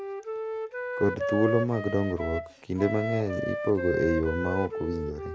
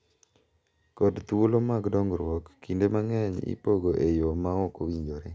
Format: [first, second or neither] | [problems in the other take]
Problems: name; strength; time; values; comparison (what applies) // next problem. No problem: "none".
second | background sound (Wind instrument, woodwind instrument); 4 dB below the speech